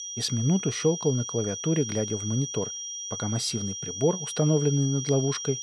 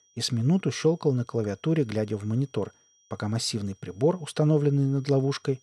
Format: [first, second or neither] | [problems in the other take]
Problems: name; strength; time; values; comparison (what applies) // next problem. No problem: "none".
second | high-pitched whine; loud; throughout; 6 kHz, 6 dB below the speech; faint in the second